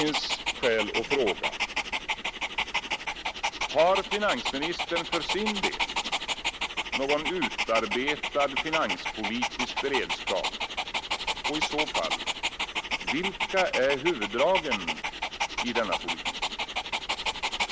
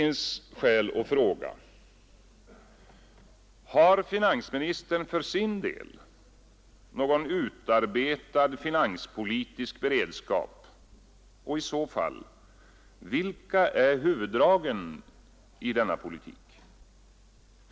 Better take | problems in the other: second | background sound (Dog); as loud as the speech

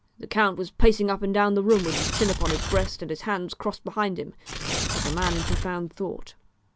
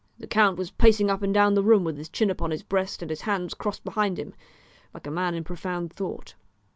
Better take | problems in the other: second | background sound (Tearing); 3 dB below the speech

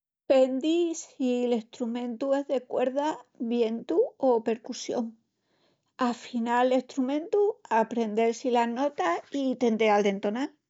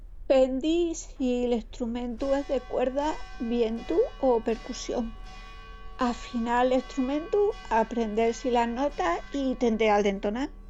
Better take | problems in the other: first | background sound (Church bell); 14 dB below the speech

